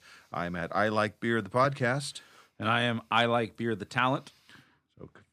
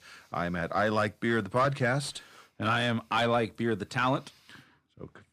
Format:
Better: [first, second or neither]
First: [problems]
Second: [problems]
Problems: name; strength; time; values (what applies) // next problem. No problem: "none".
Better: first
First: none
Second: distortion; slight; 10 dB below the speech